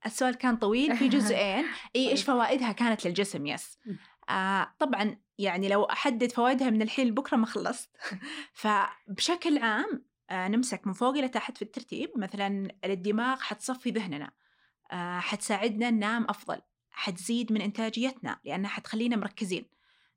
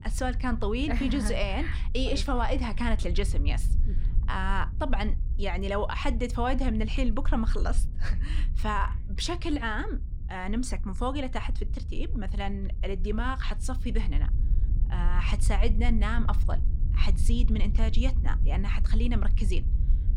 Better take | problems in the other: first | wind noise on the microphone; occasional gusts; 15 dB below the speech

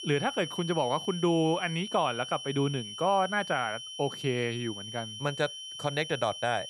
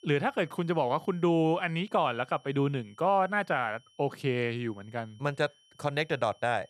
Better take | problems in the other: second | high-pitched whine; loud; throughout; 3 kHz, 8 dB below the speech; faint in the second

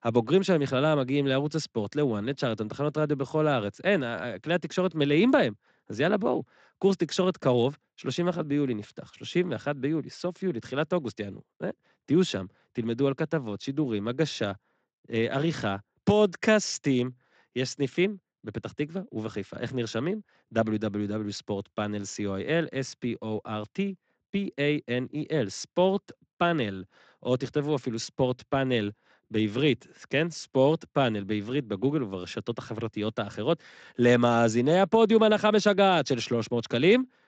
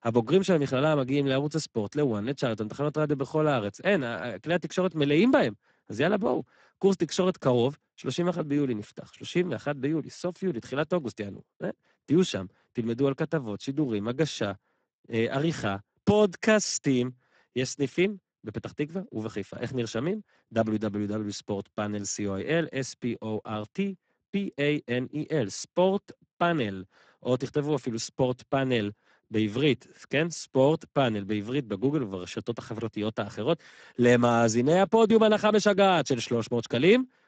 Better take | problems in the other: first | garbled, watery; badly; nothing above 7.5 kHz; slightly in the first

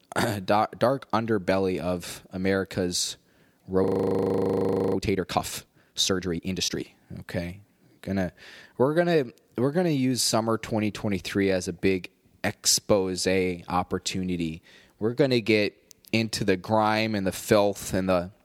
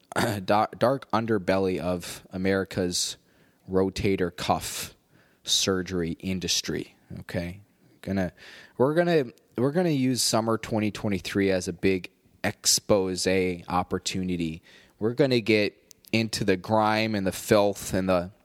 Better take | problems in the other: second | audio freezing; at 4 s for 1 s

